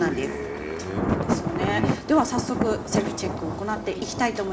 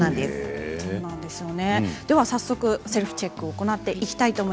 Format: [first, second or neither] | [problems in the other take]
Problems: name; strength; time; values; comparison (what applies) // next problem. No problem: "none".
second | background sound (Thunder); 2 dB below the speech // room echo; dies away in 2.6 s